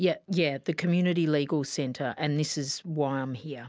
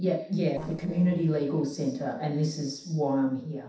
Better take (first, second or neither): first